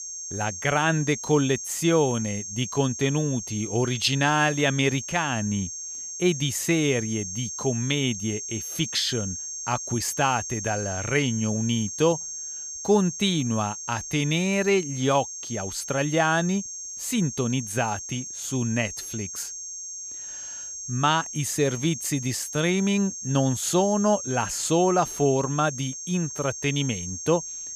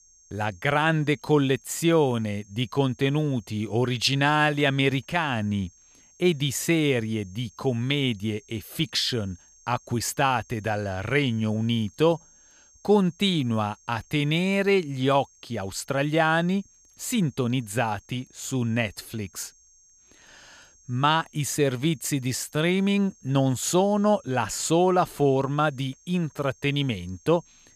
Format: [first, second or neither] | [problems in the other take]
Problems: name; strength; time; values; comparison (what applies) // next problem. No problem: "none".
second | high-pitched whine; loud; throughout; 6.5 kHz, 7 dB below the speech; faint in the second